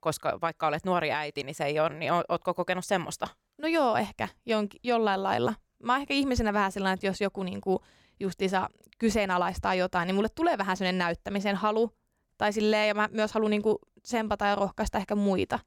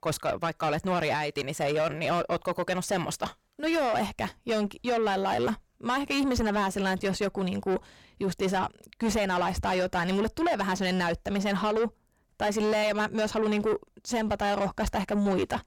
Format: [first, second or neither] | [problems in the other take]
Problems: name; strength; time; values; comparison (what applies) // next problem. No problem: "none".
first | distortion; heavy; 7 dB below the speech